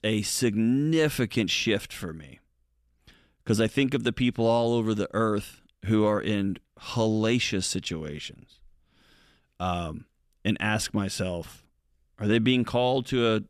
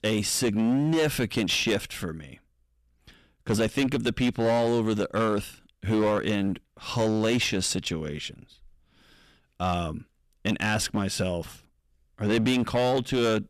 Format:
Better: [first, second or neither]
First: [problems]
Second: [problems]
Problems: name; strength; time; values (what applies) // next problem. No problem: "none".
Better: first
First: none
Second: distortion; slight; 11% of the sound clipped